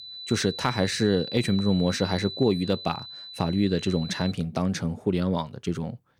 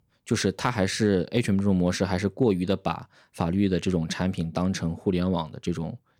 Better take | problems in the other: second | high-pitched whine; loud; until 4.5 s; 4 kHz, 10 dB below the speech

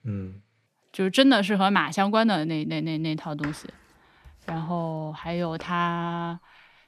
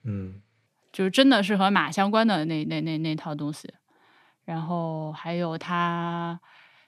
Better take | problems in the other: second | household noises; noticeable; from 3.5 s on; 20 dB below the speech

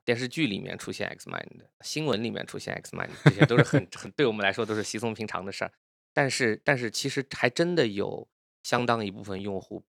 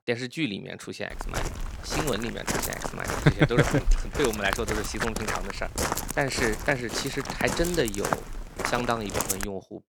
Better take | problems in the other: first | footsteps; loud; from 1 s on; peak 1 dB above the speech

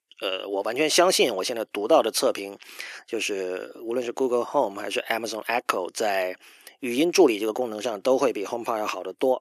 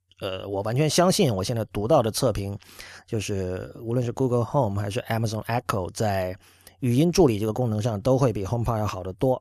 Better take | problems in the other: second | thin; somewhat; fading below 300 Hz

